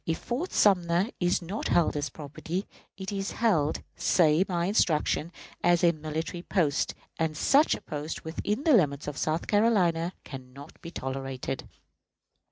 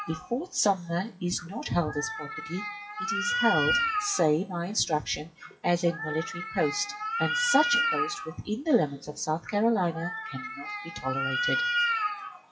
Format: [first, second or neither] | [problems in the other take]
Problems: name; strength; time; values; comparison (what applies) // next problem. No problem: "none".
first | noise reduction (classical method WPE with log-MMSE)